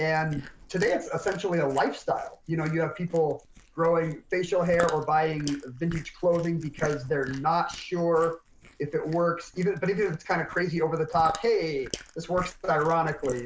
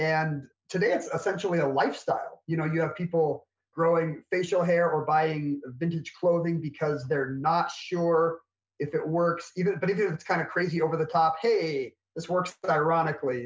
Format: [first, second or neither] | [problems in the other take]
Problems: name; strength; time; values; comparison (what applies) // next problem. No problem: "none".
second | noise reduction (neural mask model Resemble Enhance denoiser)